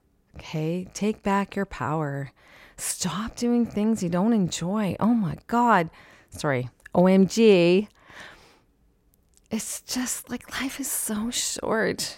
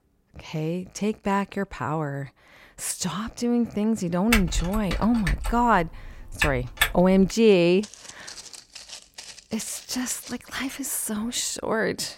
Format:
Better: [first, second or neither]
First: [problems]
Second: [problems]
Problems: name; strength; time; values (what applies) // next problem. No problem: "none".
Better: first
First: none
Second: keyboard typing; loud; from 4.5 to 7.5 s; peak level with the speech // footsteps; faint; from 8 to 10 s; peak 15 dB below the speech